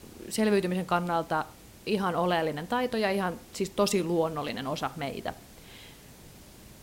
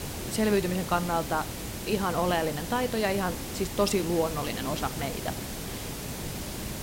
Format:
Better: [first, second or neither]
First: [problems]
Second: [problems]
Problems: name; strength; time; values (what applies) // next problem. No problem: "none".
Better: first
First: hiss; faint; throughout; 20 dB below the speech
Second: hiss; loud; throughout; 6 dB below the speech